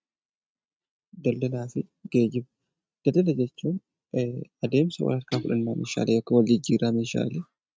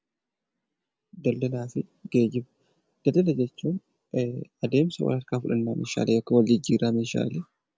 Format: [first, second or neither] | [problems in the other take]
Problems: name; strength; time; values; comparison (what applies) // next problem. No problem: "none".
second | noise reduction (neural mask model RNNoise)